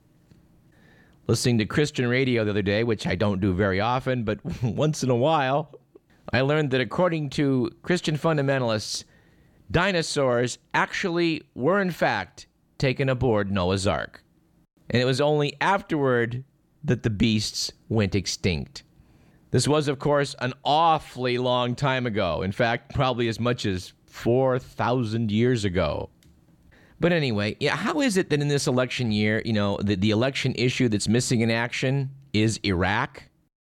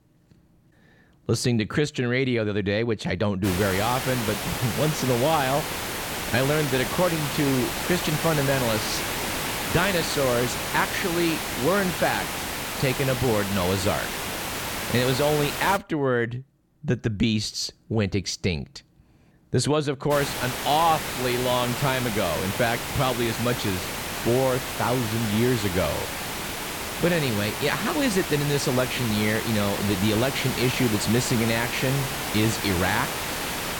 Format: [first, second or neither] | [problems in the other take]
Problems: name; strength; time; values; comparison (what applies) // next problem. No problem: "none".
first | hiss; loud; from 3.5 to 16 s and from 20 s on; 3 dB below the speech